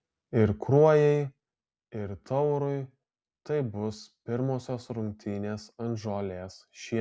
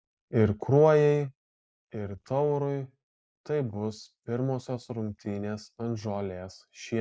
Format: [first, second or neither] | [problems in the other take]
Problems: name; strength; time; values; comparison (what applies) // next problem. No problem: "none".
first | noise reduction (neural mask model Resemble Enhance denoiser)